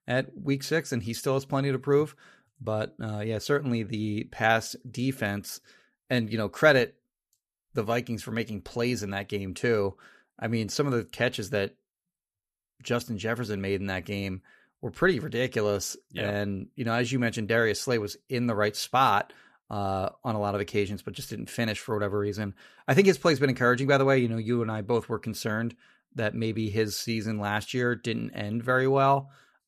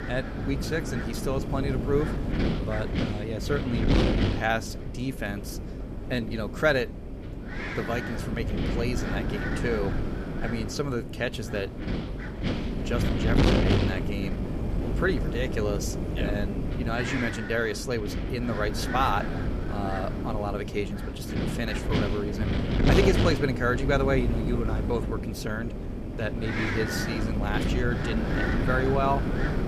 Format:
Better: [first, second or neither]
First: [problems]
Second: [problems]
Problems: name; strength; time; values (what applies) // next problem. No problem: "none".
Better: first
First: none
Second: wind noise on the microphone; heavy; 3 dB below the speech